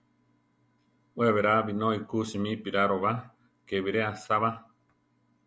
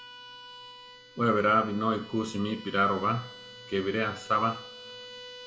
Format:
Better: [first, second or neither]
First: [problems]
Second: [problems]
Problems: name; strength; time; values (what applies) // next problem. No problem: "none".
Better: first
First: none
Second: background sound (Bowed string instrument); 17 dB below the speech // room echo; dies away in 0.6 s